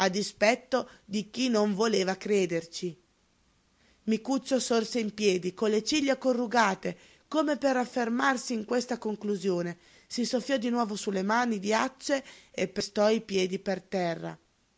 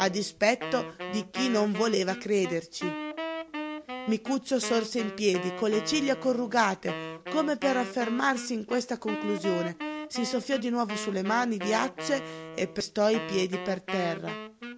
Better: first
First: none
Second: background sound (Wind instrument, woodwind instrument); 9 dB below the speech

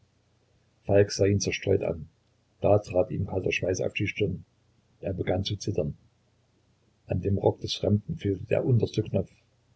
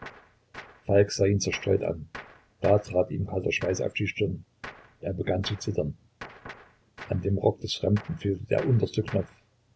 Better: first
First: none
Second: background sound (Gunshot, gunfire); 19 dB below the speech

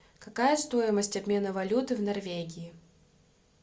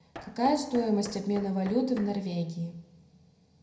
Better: first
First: none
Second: background sound (Knock); 19 dB below the speech // room echo; dies away in 0.7 s

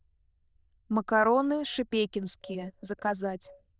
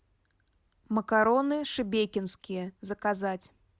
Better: second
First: noise reduction (neural diffusion model UNIVERSE++)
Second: none

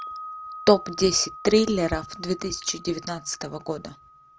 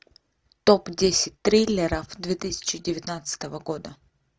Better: second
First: background sound (Wind chime); 16 dB below the speech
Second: none

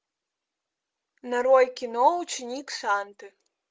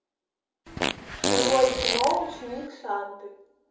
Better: first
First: none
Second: background sound (Fart); as loud as the speech // room echo; dies away in 2.6 s

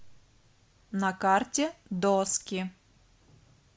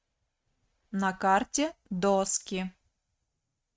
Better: first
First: none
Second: noise reduction (neural mask model RNNoise)

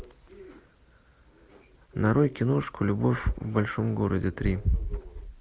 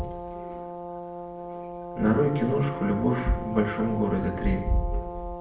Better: first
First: none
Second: background sound (Brass instrument); 9 dB below the speech // room echo; dies away in 0.7 s

